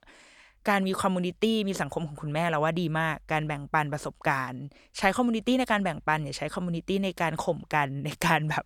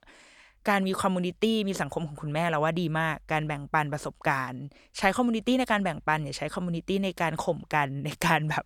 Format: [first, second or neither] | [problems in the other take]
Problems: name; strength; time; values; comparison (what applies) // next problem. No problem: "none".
neither | none